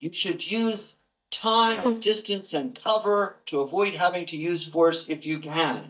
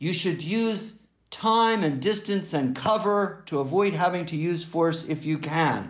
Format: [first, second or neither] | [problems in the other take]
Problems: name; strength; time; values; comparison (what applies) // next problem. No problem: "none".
second | noise reduction (neural mask model DeepFilterNet 3)